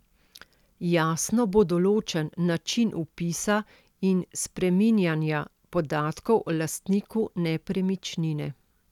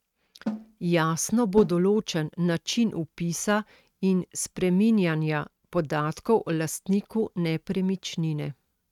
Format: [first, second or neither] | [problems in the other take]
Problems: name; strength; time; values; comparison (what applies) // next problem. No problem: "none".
first | noise reduction (neural mask model RNNoise)